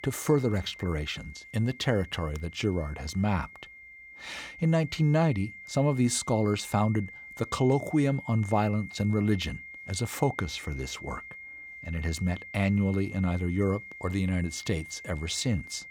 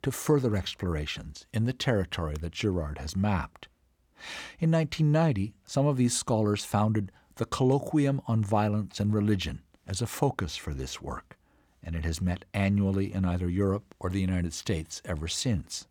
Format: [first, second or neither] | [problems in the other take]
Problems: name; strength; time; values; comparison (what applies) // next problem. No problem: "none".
second | high-pitched whine; noticeable; throughout; 2 kHz, 15 dB below the speech